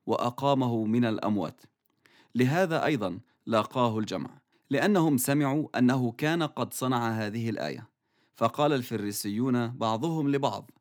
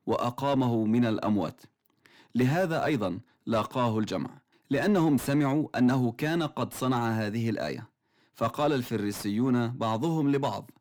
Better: first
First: none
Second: distortion; slight; 10 dB below the speech

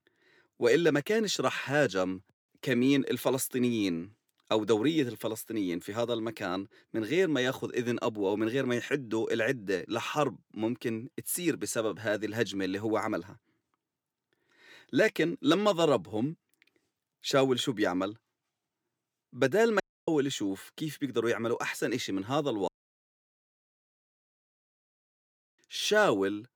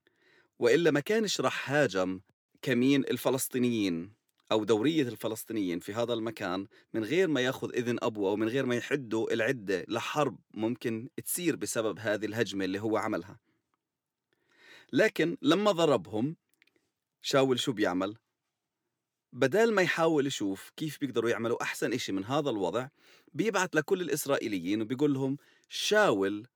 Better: second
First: audio cutting out; at 20 s and at 23 s for 3 s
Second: none

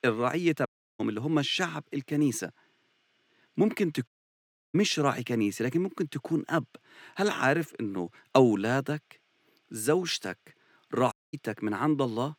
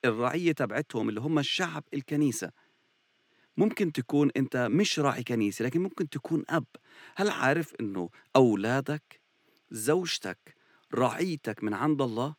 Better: second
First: audio cutting out; at 0.5 s, at 4 s for 0.5 s and at 11 s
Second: none

